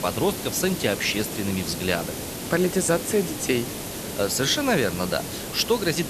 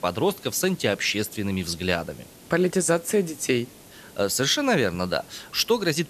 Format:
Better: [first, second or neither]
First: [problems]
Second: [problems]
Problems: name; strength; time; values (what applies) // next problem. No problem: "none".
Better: second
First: hiss; loud; throughout; 7 dB below the speech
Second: hiss; faint; throughout; 20 dB below the speech